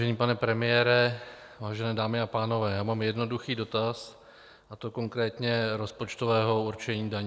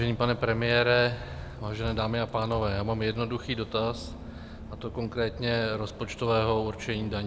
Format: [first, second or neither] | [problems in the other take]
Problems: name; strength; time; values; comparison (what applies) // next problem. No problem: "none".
first | background sound (Bus); 12 dB below the speech